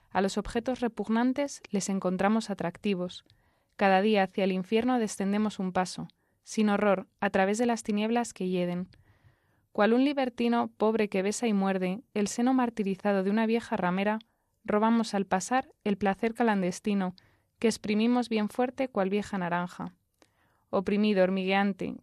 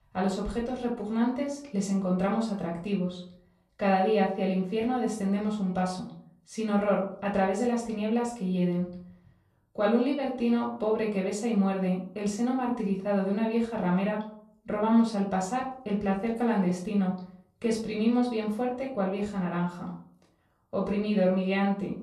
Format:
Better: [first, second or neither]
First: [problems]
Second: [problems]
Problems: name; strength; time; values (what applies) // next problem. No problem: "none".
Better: first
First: none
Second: off-mic speech; far // room echo; slight; dies away in 0.5 s